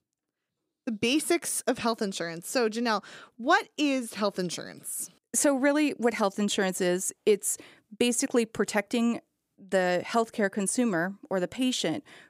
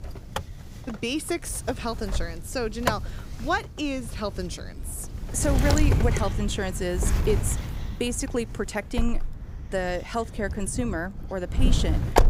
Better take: first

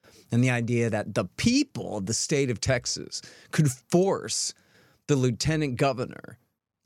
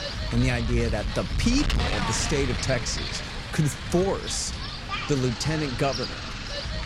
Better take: first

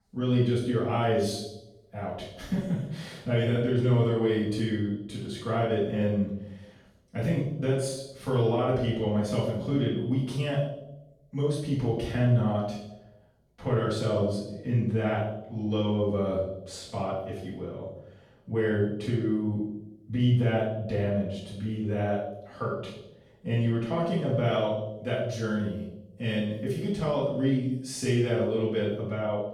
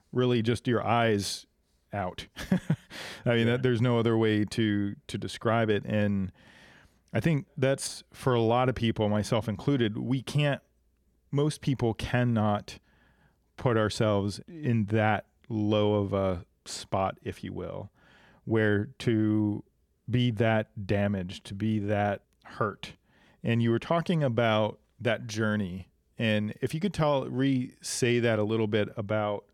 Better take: second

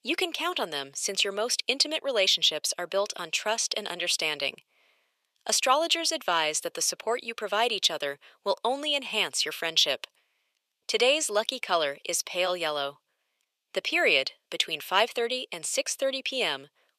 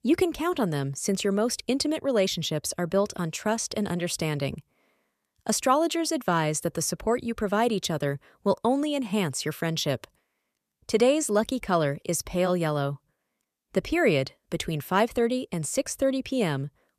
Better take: second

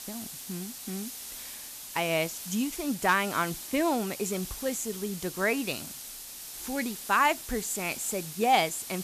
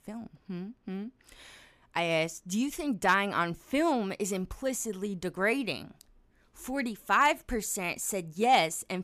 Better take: second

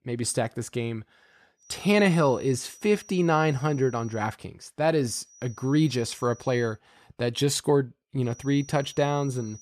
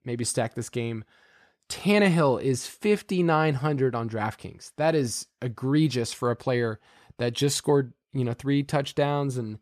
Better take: second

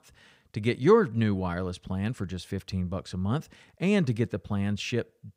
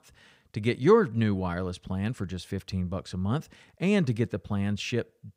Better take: neither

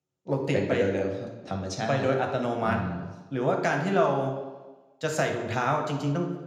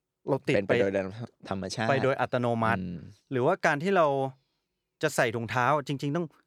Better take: second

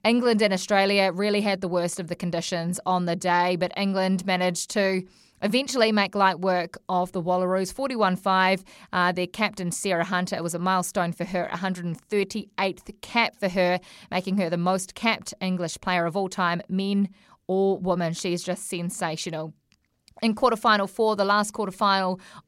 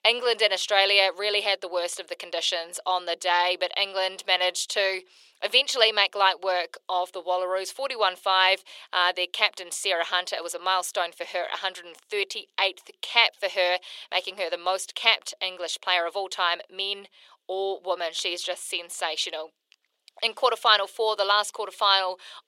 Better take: first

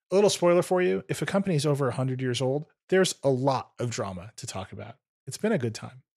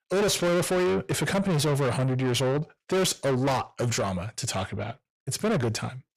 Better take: first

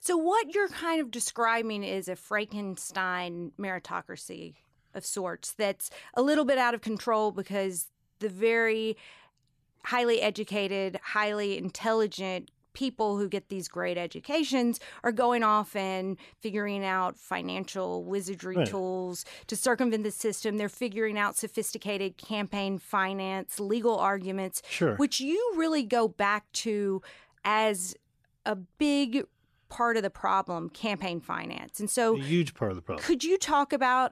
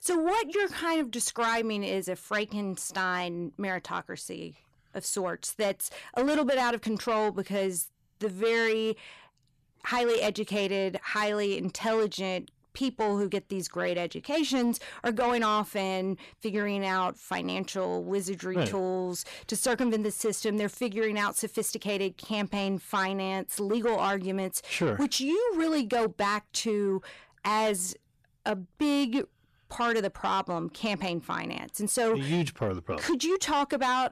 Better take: first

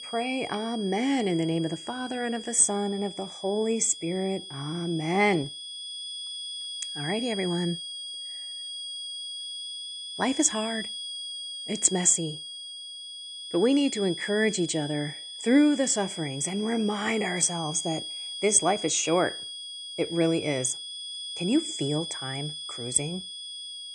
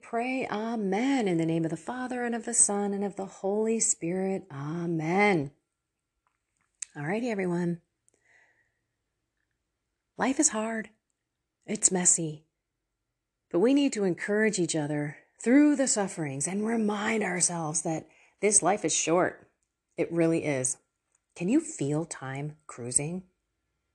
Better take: second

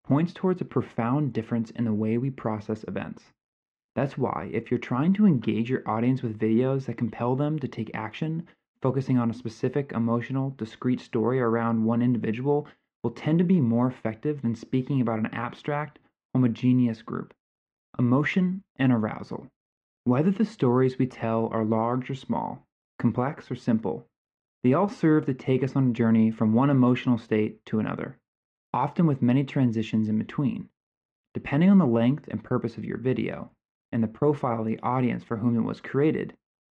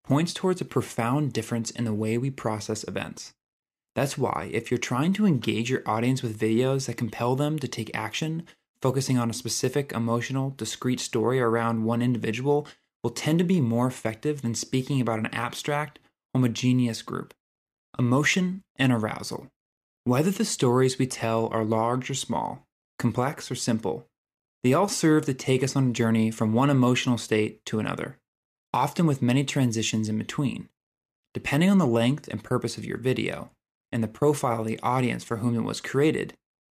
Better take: second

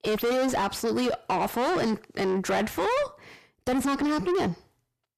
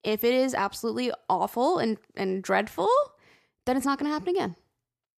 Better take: second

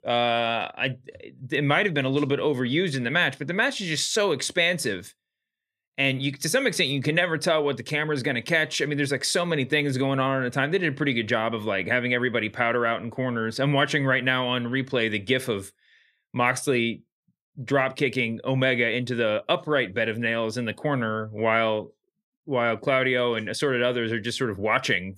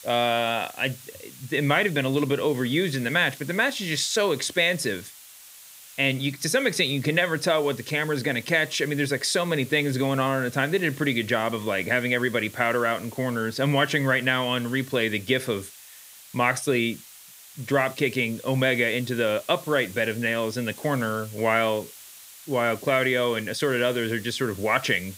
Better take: first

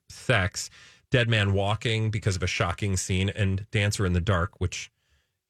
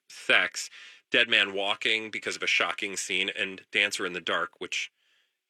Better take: first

